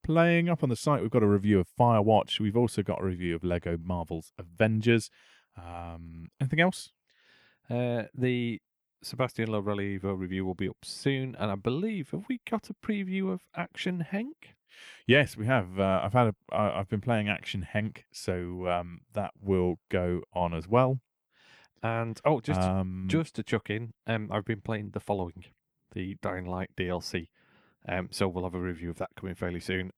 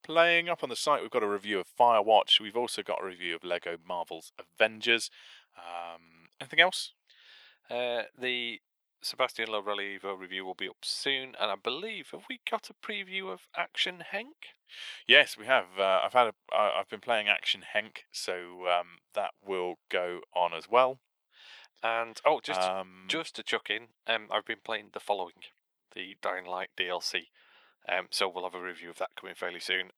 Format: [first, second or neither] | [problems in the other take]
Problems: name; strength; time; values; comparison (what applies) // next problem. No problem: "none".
first | thin; very; fading below 700 Hz